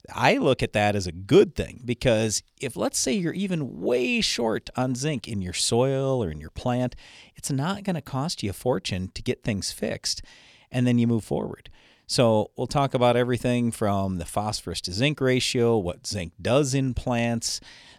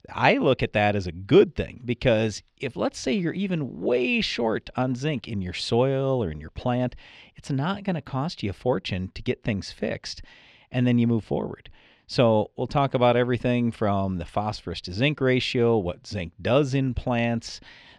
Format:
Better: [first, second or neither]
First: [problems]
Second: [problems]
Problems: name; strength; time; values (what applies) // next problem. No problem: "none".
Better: first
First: none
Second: muffled; slightly; fading above 3 kHz